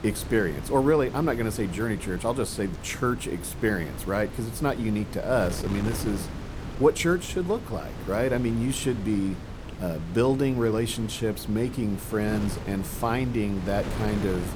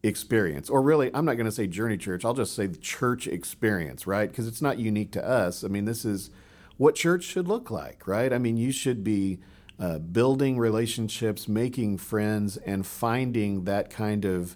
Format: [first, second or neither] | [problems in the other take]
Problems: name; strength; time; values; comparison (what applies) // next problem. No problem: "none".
second | wind noise on the microphone; occasional gusts; 10 dB below the speech